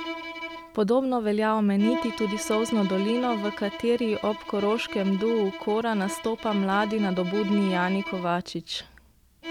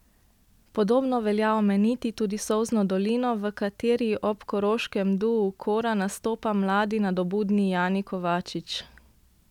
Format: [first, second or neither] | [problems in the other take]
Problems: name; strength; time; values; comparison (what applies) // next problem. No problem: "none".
second | background sound (Bowed string instrument); 11 dB below the speech